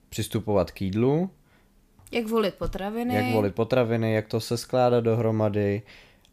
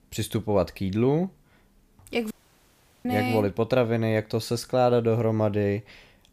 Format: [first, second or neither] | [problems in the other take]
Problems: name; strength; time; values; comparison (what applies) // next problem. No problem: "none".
first | audio cutting out; at 2.5 s for 0.5 s